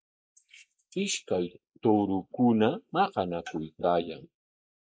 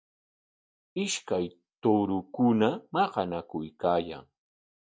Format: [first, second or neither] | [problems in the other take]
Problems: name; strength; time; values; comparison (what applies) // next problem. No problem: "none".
second | noise reduction (neural mask model Resemble Enhance denoiser)